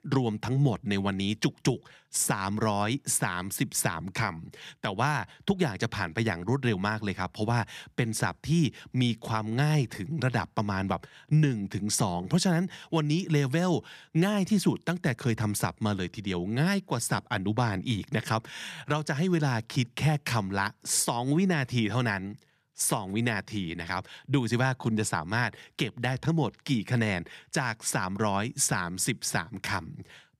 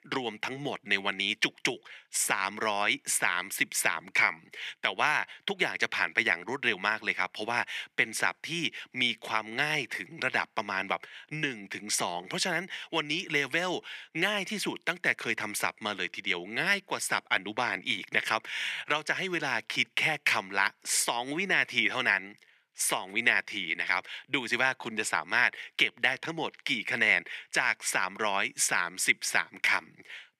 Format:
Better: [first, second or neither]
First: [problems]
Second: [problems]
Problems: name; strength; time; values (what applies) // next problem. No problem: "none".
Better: first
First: none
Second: thin; very; fading below 400 Hz